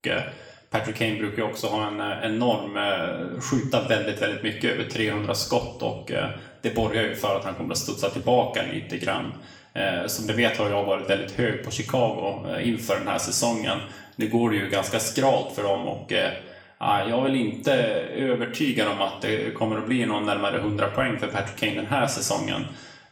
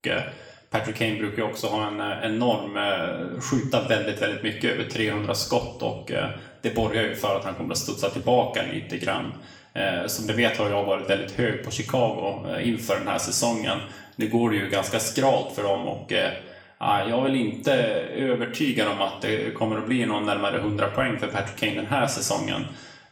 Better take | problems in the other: neither | room echo; slight; dies away in 0.7 s; the same in both // off-mic speech; somewhat distant; the same in both

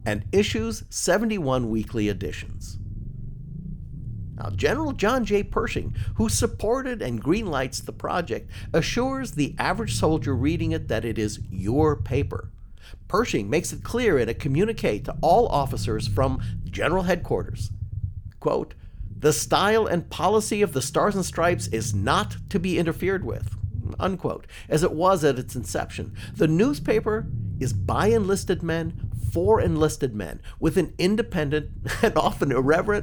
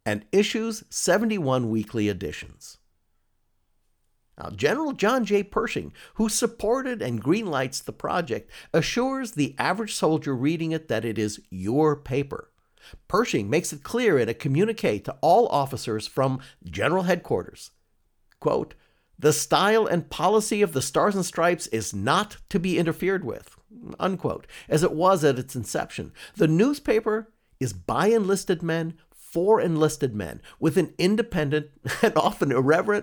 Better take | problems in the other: second | low rumble; faint; throughout; 25 dB below the speech

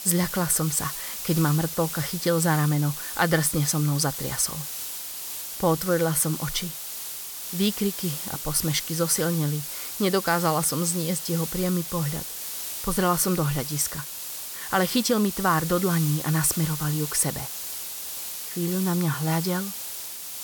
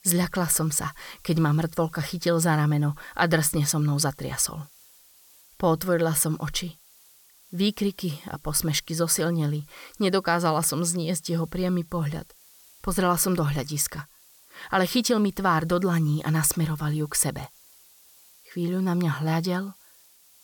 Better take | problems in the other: second | hiss; loud; throughout; 6 dB below the speech; faint in the second

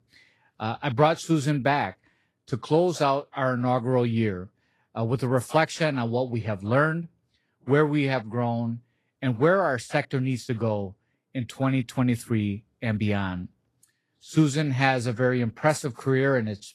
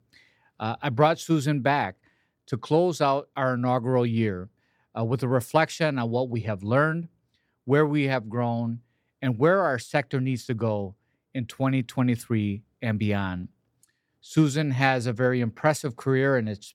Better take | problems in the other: second | garbled, watery; slightly

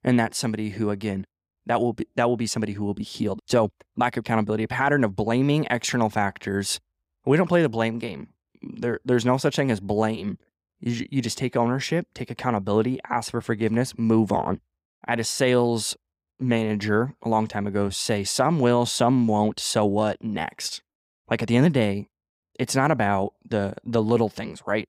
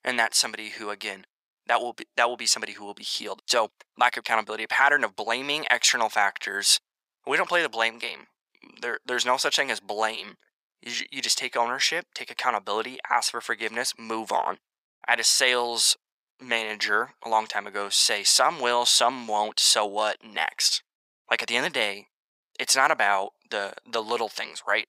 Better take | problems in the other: first | thin; very; fading below 950 Hz

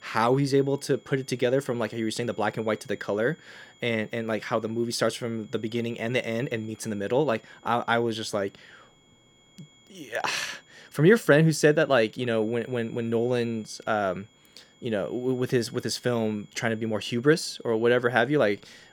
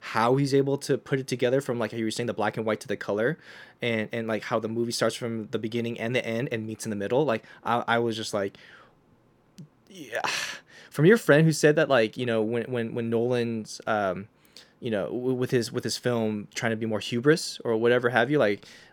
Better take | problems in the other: second | high-pitched whine; faint; throughout; 3.5 kHz, 30 dB below the speech

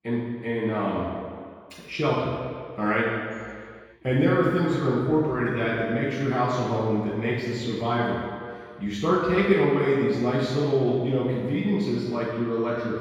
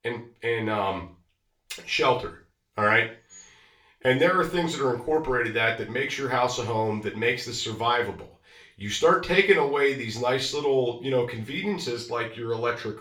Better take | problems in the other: second | room echo; strong; dies away in 2 s; slight in the second // off-mic speech; far; far in the second

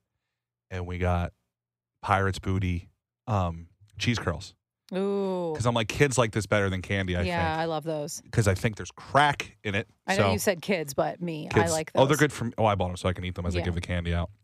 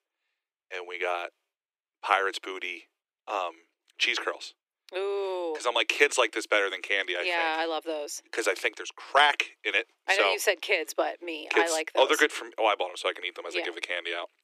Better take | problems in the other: first | thin; very; fading below 300 Hz

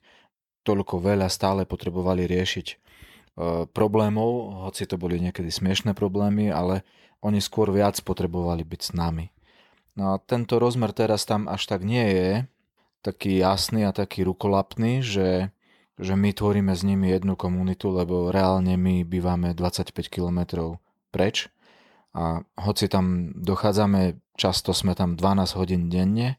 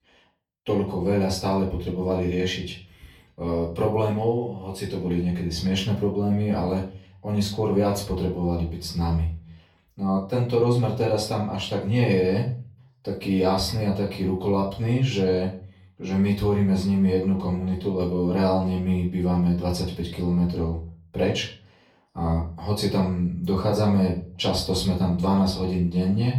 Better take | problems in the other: first | off-mic speech; far // room echo; slight; dies away in 0.4 s

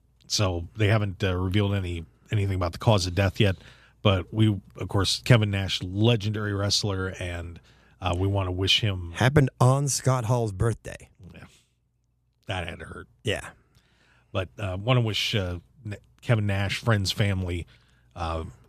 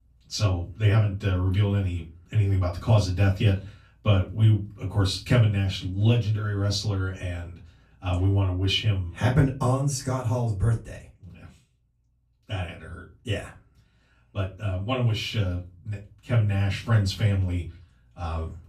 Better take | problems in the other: first | off-mic speech; far // room echo; very slight; dies away in 0.2 s

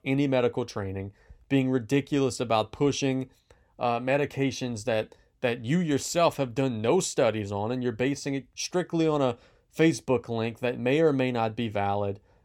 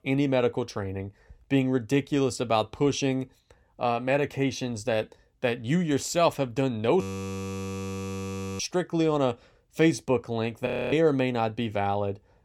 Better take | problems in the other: first | audio freezing; at 7 s for 1.5 s and at 11 s

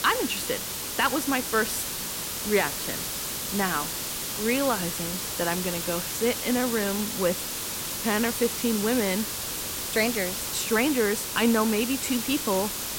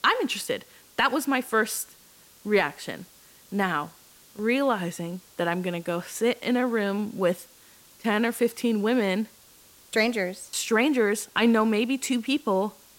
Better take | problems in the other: second | hiss; loud; throughout; 2 dB below the speech; faint in the second

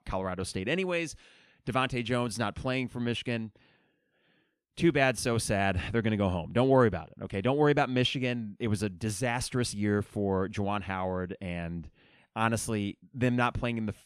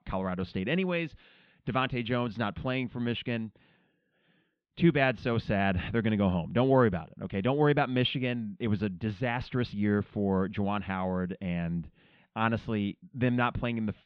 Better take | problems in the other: first | muffled; slightly; fading above 3.5 kHz

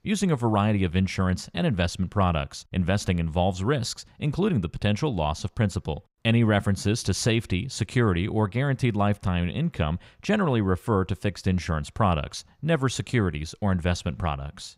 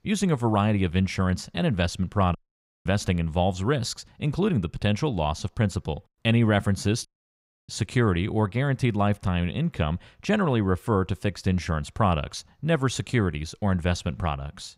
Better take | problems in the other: first | audio cutting out; at 2.5 s for 0.5 s and at 7 s for 0.5 s

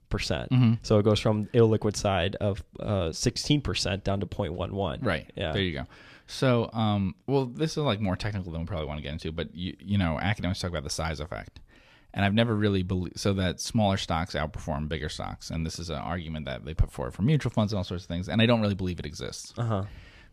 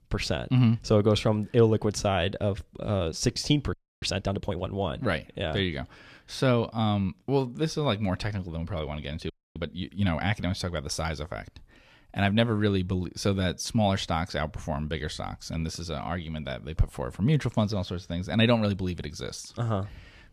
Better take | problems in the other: first | audio freezing; at 3.5 s and at 9.5 s

